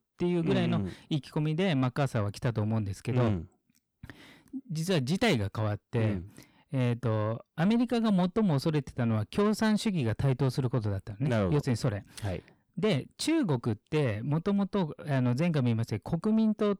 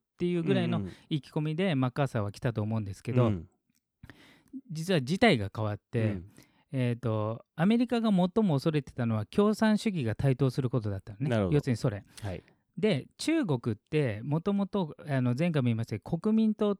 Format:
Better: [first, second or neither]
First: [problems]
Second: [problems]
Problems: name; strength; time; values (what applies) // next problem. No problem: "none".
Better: second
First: distortion; slight; 10 dB below the speech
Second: none